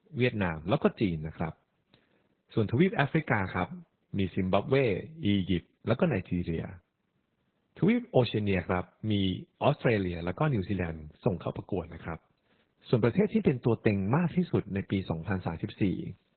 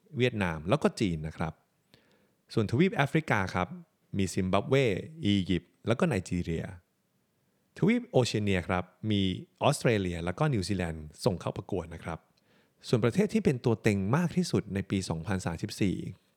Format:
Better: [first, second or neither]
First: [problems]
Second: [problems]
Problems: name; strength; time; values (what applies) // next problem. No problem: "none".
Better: second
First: garbled, watery; badly; nothing above 4 kHz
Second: none